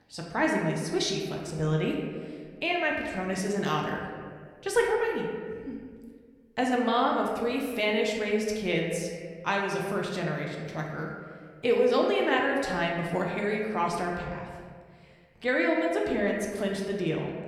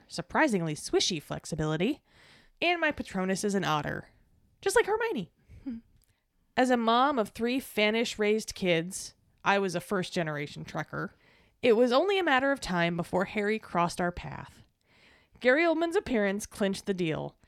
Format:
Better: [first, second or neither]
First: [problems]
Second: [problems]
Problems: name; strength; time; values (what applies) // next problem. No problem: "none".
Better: second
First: room echo; noticeable; dies away in 1.5 s // off-mic speech; somewhat distant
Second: none